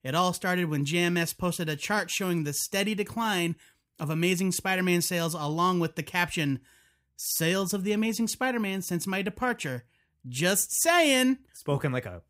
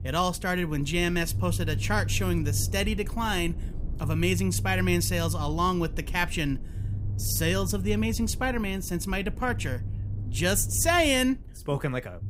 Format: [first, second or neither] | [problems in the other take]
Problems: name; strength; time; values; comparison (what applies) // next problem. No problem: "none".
first | low rumble; noticeable; throughout; 20 dB below the speech